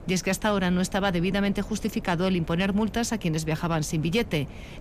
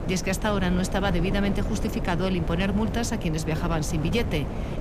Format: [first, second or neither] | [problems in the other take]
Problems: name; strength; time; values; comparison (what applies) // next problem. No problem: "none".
first | wind noise on the microphone; heavy; 7 dB below the speech; occasional gusts in the first